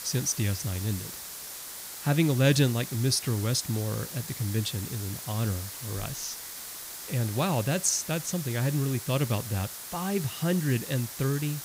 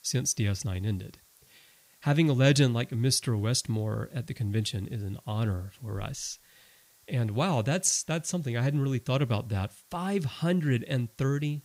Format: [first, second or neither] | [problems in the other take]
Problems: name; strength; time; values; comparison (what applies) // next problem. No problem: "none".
second | hiss; loud; throughout; 8 dB below the speech; faint in the second